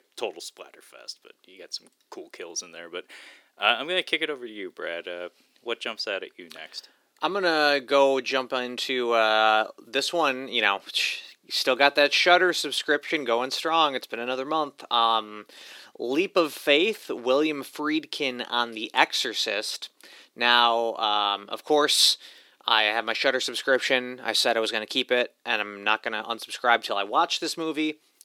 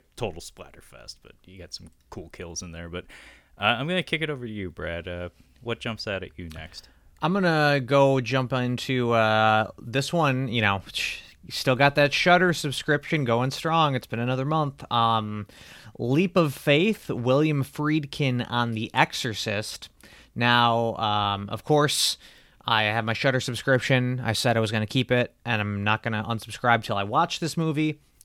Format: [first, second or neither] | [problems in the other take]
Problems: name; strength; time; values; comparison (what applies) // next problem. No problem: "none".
second | thin; somewhat; fading below 350 Hz